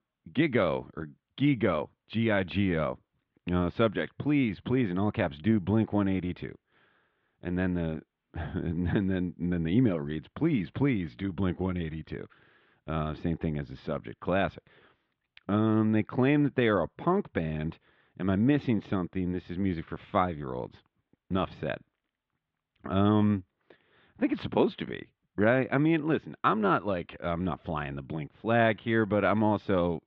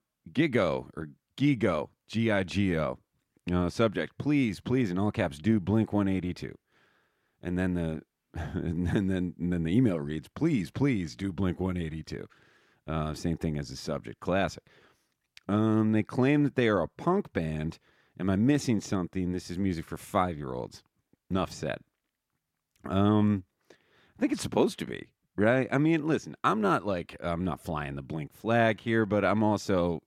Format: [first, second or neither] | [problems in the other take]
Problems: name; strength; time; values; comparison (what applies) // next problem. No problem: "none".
second | muffled; very; fading above 3.5 kHz